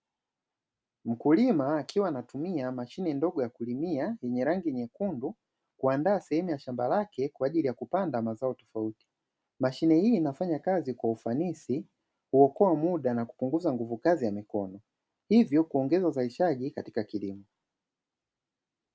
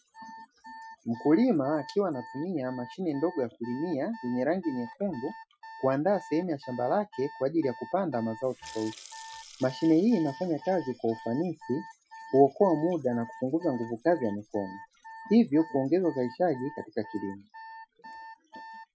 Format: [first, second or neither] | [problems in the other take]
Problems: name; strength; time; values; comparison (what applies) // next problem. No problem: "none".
first | noise reduction (classical method Wiener filter)